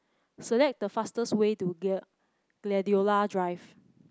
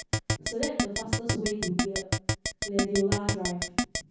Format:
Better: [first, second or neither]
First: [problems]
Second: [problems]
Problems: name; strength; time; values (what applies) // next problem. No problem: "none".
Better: first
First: none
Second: background sound (Keyboard (musical)); 2 dB above the speech // room echo; dies away in 0.6 s